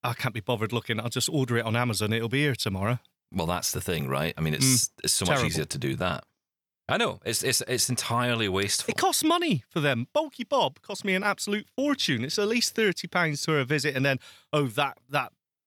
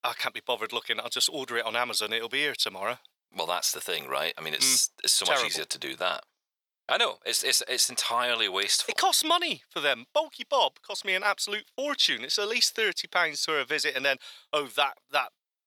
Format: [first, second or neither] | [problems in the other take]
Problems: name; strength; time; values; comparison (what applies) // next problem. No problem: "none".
first | thin; very; fading below 600 Hz